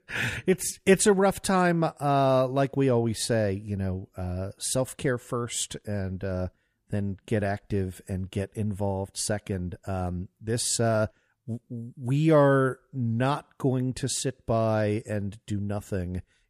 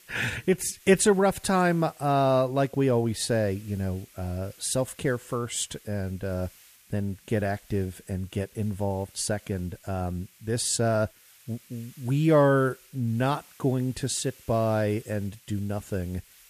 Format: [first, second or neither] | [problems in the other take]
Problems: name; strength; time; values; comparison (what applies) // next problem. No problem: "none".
first | hiss; faint; throughout; 25 dB below the speech